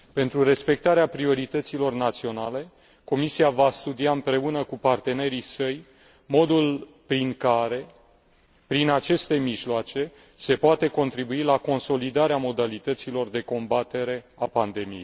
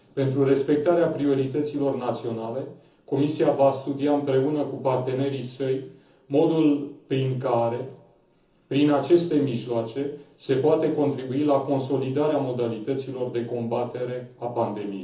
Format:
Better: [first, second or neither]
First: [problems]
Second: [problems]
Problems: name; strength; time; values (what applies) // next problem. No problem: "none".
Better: first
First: none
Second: room echo; dies away in 0.7 s